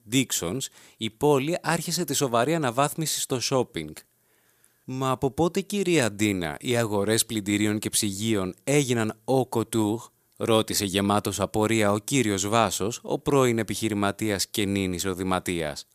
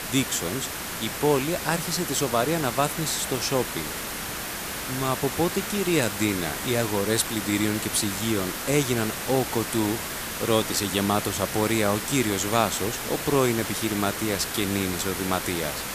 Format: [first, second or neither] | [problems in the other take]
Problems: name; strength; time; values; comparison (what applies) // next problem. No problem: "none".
first | hiss; loud; throughout; 4 dB below the speech